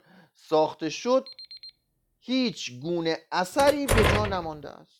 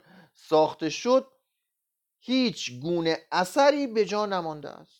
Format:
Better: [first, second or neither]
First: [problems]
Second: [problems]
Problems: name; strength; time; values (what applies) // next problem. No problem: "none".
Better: second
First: alarm; faint; at 1.5 s; peak 15 dB below the speech // door banging; loud; at 3.5 s; peak 4 dB above the speech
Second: none